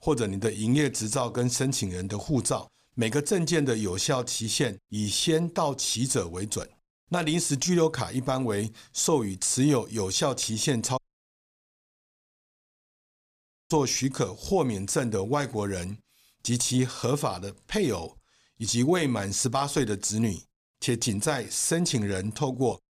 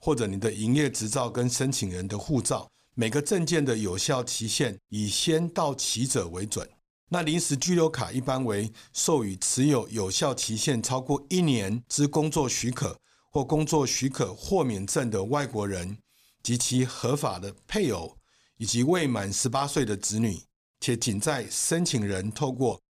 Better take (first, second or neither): second